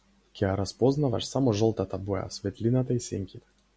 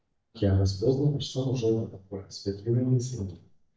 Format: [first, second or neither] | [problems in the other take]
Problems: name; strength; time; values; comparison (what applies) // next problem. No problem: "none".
first | noise reduction (neural mask model DeepFilterNet 3)